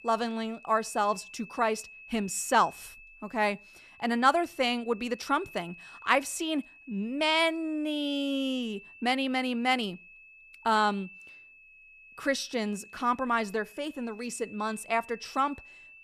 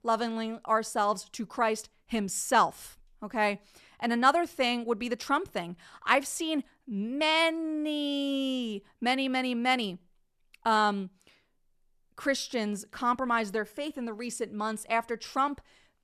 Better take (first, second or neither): second